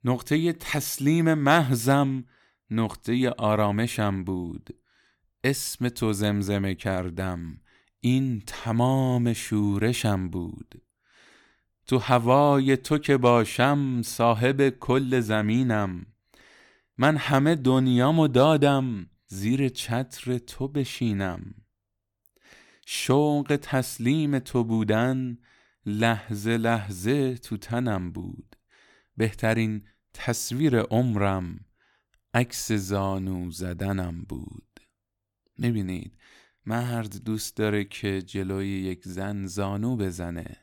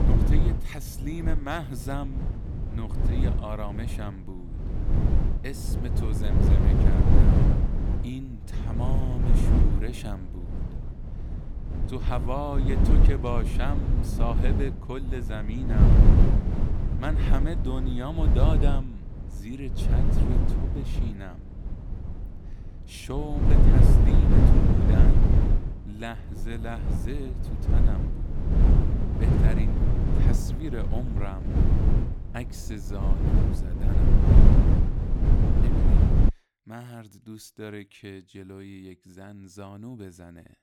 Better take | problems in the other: first | wind noise on the microphone; heavy; until 36 s; 2 dB above the speech

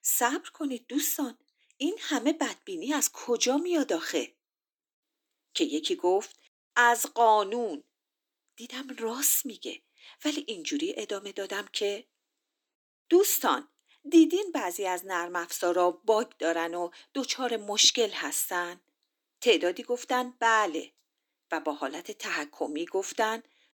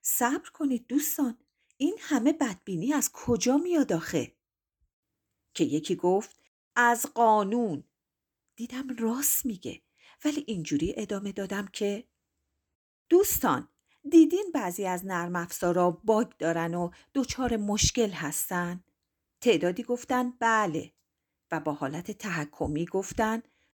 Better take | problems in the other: second | thin; very slightly; fading below 300 Hz

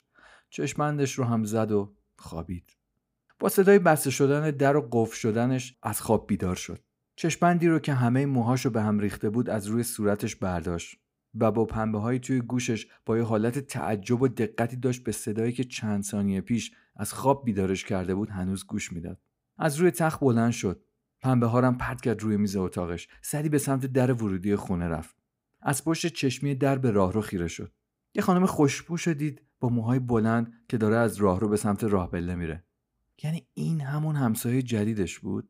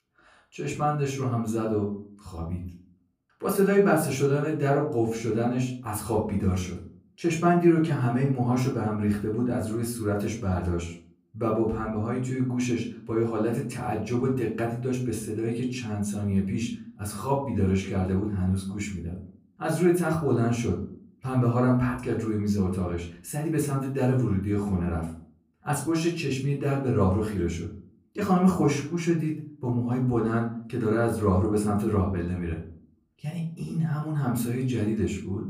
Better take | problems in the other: first | off-mic speech; far // room echo; slight; dies away in 0.4 s

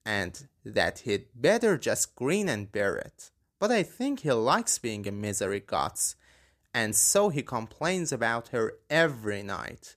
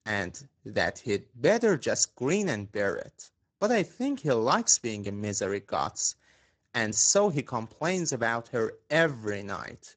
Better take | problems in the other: first | garbled, watery; badly; nothing above 7.5 kHz

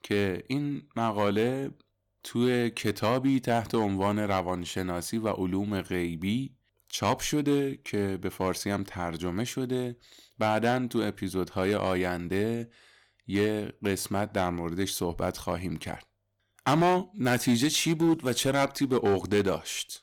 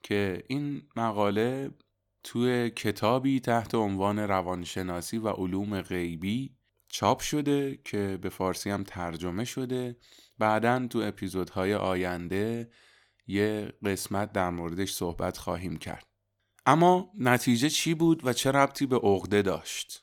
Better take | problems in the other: second | distortion; slight; 3% of the sound clipped

